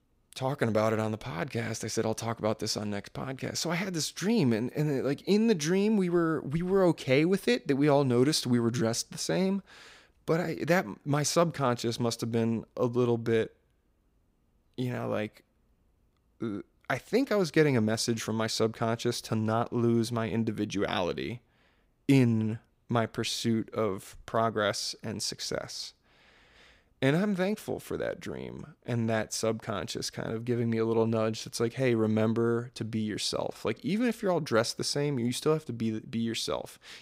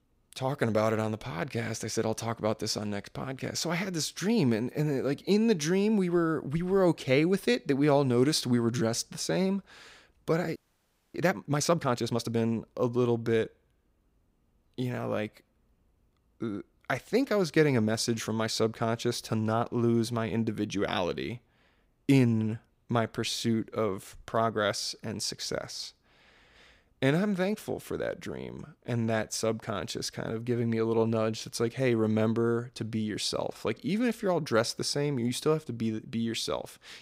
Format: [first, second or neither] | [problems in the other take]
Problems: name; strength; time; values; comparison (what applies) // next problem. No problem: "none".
first | audio freezing; at 11 s for 0.5 s